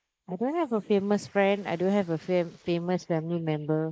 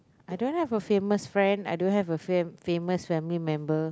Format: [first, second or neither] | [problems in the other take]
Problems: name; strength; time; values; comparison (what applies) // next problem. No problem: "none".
second | noise reduction (neural mask model Resemble Enhance denoiser)